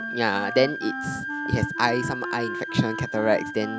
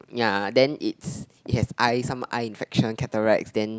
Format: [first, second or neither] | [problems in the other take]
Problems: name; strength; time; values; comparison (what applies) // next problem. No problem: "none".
second | background sound (Wind instrument, woodwind instrument + Wind instrument, woodwind instrument); 6 dB below the speech